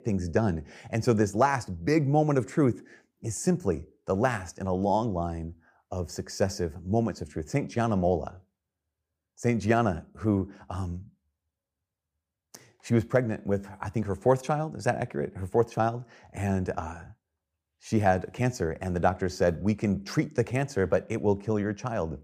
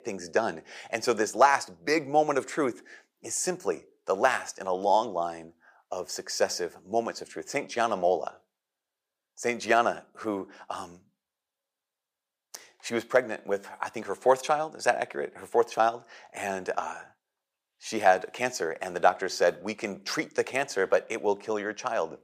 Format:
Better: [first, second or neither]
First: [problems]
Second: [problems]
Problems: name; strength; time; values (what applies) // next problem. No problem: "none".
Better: first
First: none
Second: thin; very; fading below 550 Hz